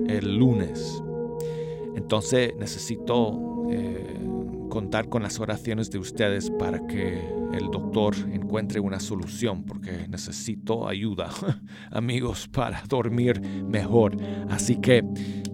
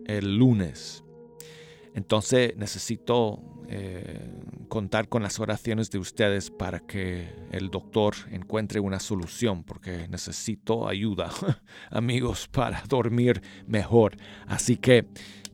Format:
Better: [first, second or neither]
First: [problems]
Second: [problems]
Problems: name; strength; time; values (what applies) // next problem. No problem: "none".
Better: second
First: background music; loud; throughout; 5 dB below the speech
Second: background music; faint; throughout; 25 dB below the speech